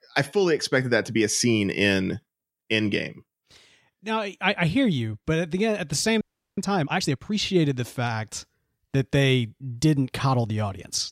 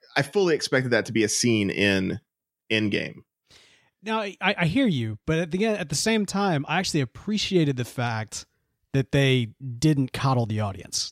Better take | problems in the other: second | audio freezing; at 6 s

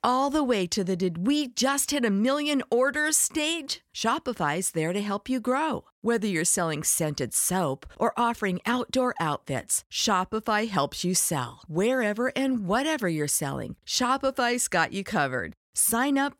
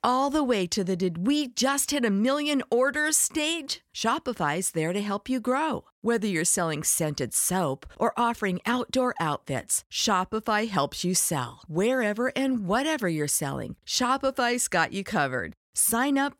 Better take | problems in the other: neither | none

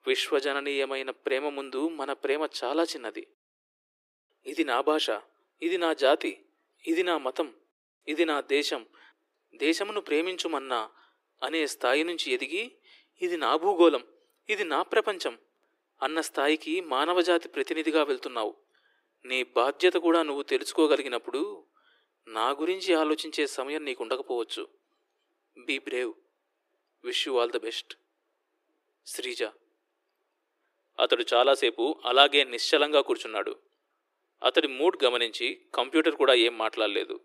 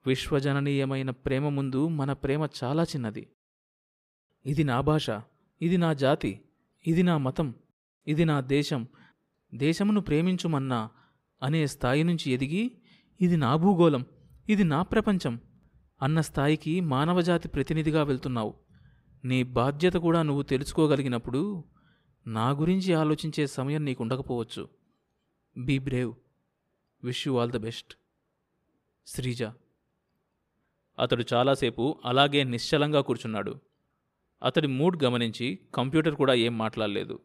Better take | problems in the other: second | thin; very; fading below 350 Hz

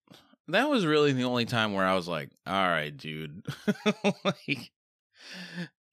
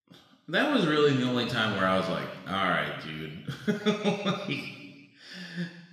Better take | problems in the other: first | room echo; noticeable; dies away in 1.3 s // off-mic speech; somewhat distant

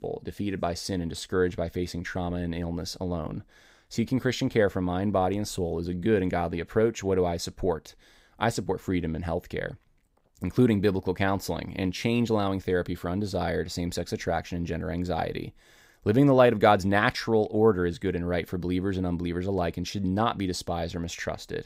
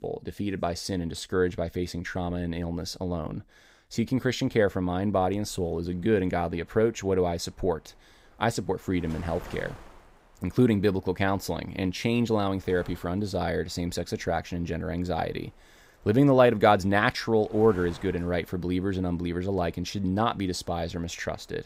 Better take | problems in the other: first | wind noise on the microphone; occasional gusts; from 5.5 s on; 25 dB below the speech

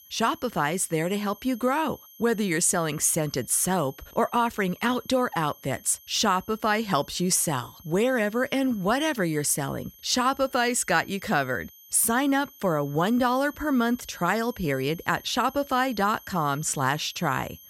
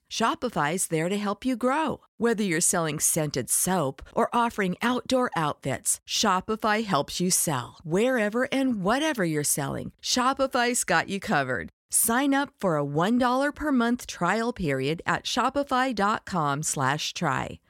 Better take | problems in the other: second | high-pitched whine; faint; throughout; 12 kHz, 25 dB below the speech

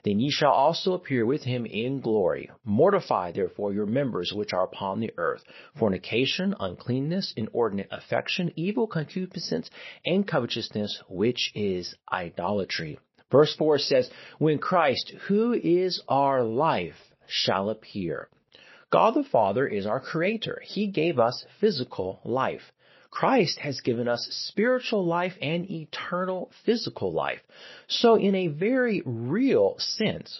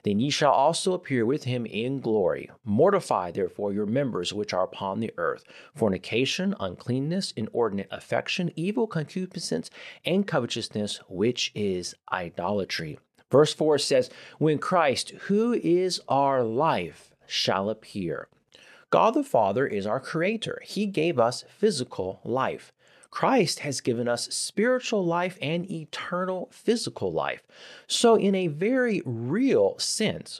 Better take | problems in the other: second | garbled, watery; slightly; nothing above 5.5 kHz

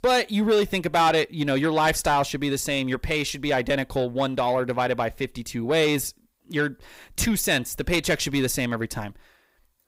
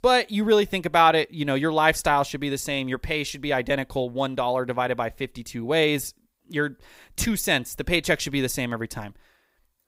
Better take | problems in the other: second | distortion; slight; 10 dB below the speech

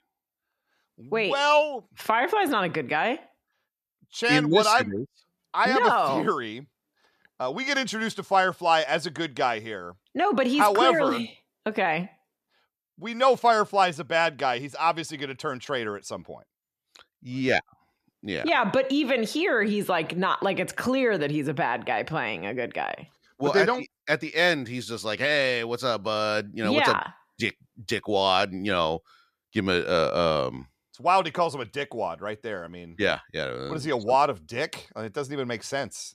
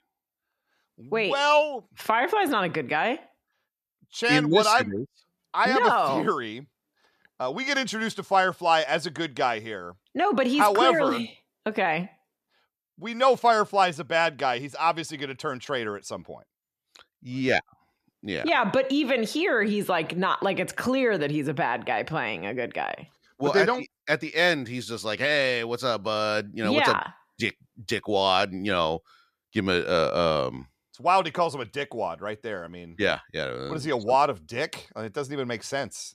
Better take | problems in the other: neither | none

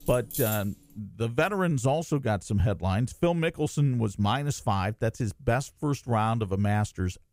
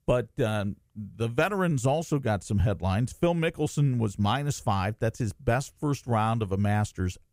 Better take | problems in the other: second | jangling keys; noticeable; at the start; peak 4 dB below the speech

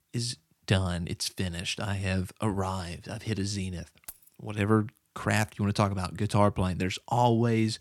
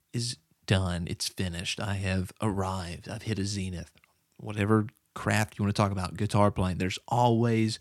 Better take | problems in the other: second | jangling keys; faint; at 4 s; peak 15 dB below the speech

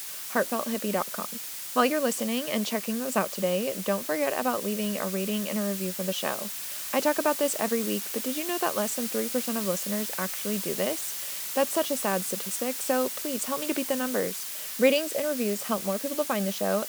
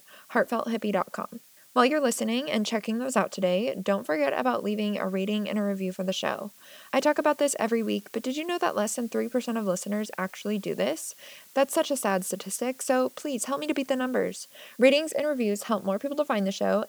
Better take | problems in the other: second | hiss; loud; throughout; 2 dB below the speech; faint in the second

